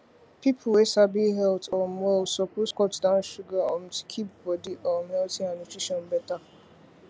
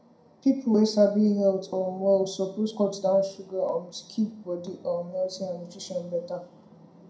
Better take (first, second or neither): first